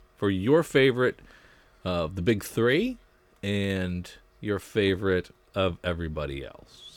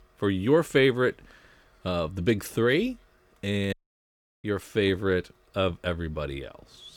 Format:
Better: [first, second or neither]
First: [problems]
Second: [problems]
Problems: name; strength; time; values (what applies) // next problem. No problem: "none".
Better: first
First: none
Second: audio cutting out; at 3.5 s for 0.5 s